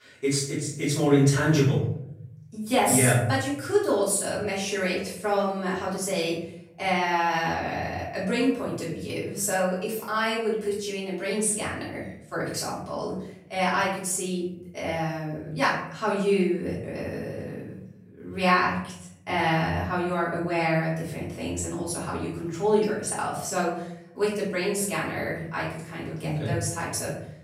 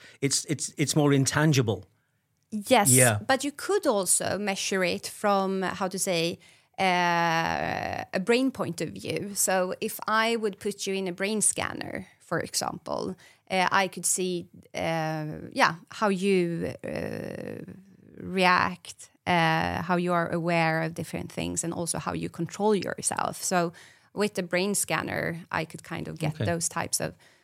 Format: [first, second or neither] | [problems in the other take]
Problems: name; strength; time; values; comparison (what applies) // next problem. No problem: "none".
second | off-mic speech; far // room echo; noticeable; dies away in 0.7 s